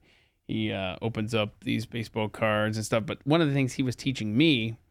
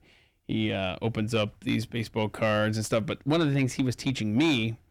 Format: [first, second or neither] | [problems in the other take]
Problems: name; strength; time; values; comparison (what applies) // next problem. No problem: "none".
first | distortion; slight; 10 dB below the speech